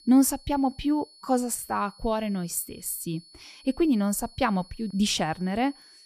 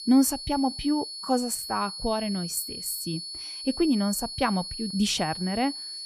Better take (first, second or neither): first